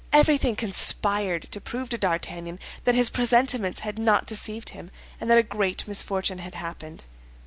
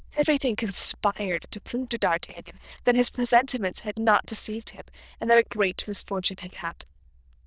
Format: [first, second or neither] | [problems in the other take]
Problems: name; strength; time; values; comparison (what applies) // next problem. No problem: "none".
first | noise reduction (neural diffusion model UNIVERSE++)